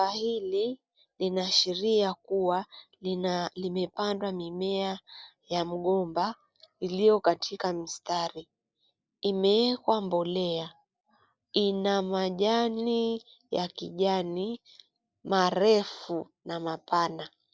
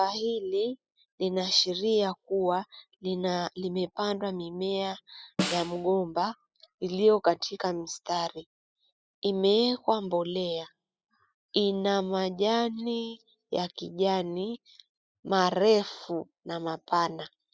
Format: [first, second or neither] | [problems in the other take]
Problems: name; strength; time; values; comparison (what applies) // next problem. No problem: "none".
first | noise reduction (classical method spectral subtraction)